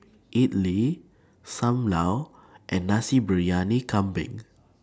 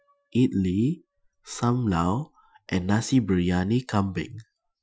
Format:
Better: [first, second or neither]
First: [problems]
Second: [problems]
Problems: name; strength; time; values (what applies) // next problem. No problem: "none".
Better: first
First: none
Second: noise reduction (classical method Wiener filter)